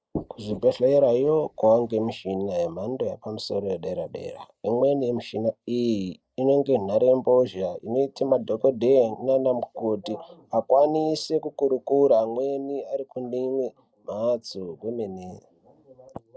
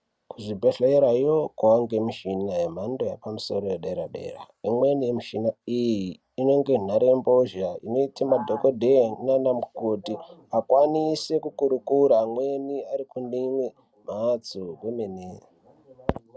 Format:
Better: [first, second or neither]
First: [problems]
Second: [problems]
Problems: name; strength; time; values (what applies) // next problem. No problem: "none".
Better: second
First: noise reduction (neural mask model Resemble Enhance denoiser)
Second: none